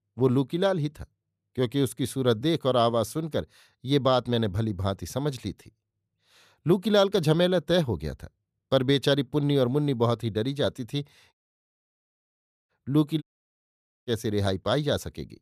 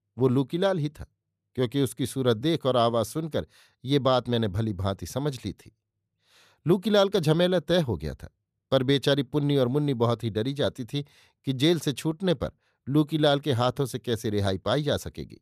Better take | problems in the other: second | audio cutting out; at 11 s for 1.5 s and at 13 s for 1 s

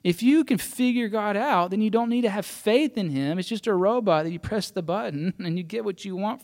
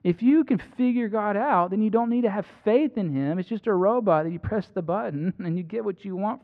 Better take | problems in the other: first | muffled; very; fading above 1.5 kHz

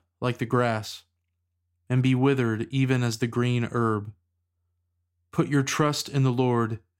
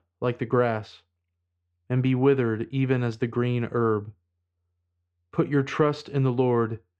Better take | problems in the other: first | muffled; slightly; fading above 2.5 kHz

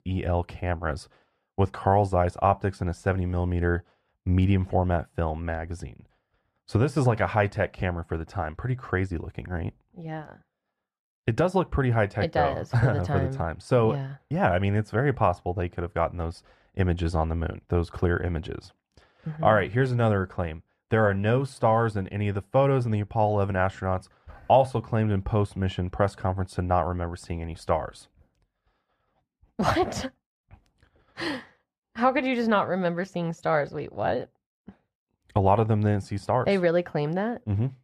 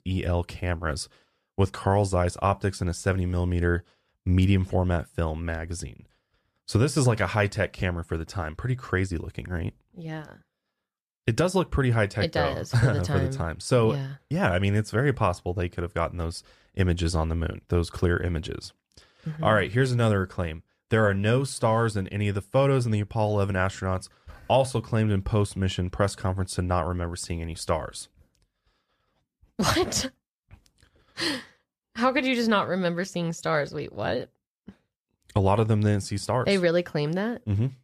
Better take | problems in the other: second | muffled; slightly; fading above 3.5 kHz

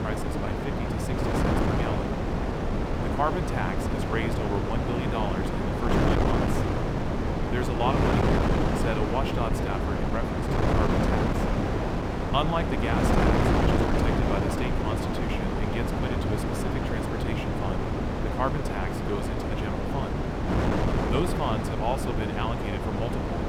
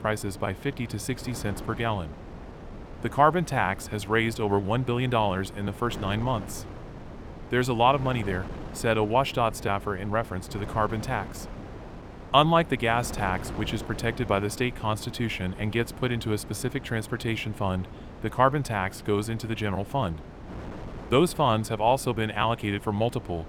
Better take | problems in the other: second | wind noise on the microphone; heavy; 3 dB above the speech; occasional gusts in the second

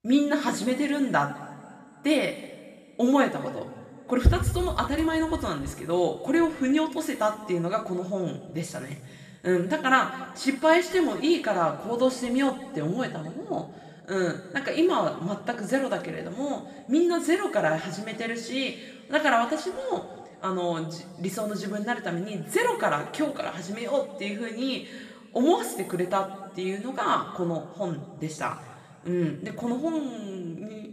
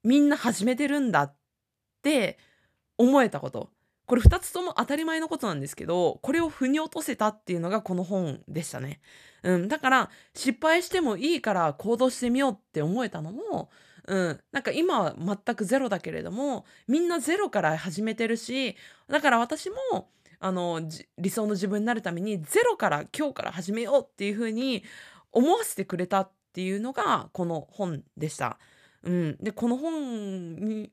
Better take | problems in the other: second | room echo; noticeable; dies away in 1.9 s // off-mic speech; somewhat distant

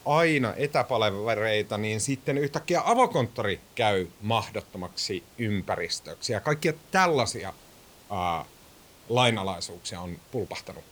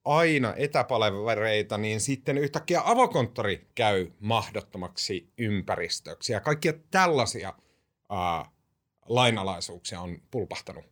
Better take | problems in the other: second | hiss; faint; throughout; 25 dB below the speech

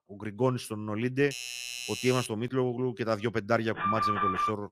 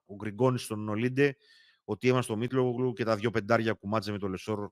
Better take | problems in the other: second | doorbell; noticeable; from 1 to 2.5 s; peak 5 dB below the speech // alarm; loud; at 4 s; peak 3 dB above the speech

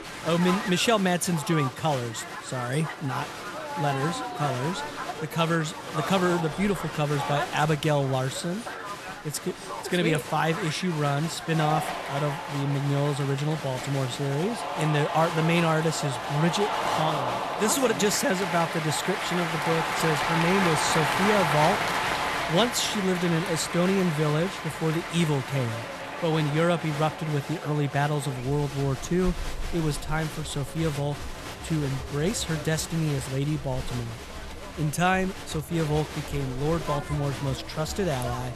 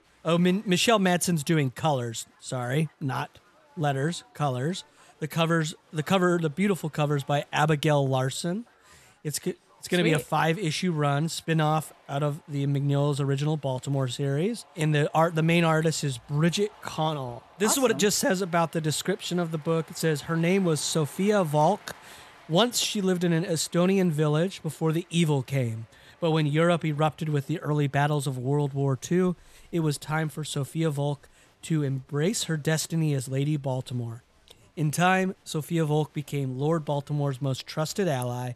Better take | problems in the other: second | crowd noise; loud; throughout; 5 dB below the speech; faint in the second

